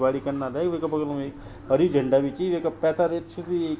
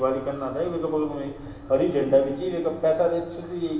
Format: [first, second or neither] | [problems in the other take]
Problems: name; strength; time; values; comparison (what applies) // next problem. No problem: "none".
first | room echo; dies away in 1.2 s